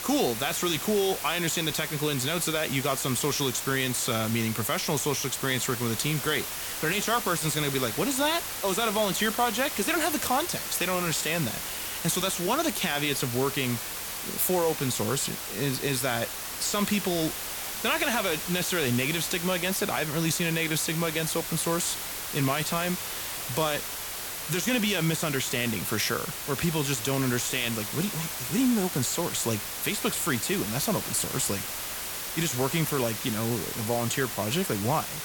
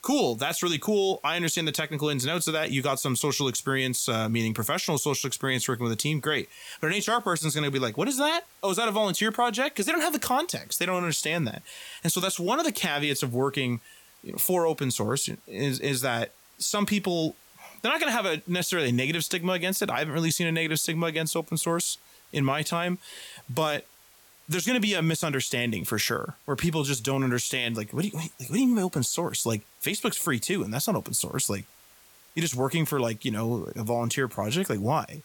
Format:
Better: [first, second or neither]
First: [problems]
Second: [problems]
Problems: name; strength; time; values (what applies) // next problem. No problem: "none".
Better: second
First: hiss; loud; throughout; 4 dB below the speech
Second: hiss; faint; throughout; 25 dB below the speech